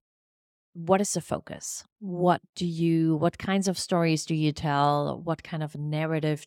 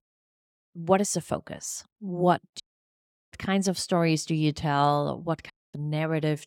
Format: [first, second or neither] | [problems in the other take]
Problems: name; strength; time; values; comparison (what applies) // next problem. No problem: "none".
first | audio cutting out; at 2.5 s for 0.5 s and at 5.5 s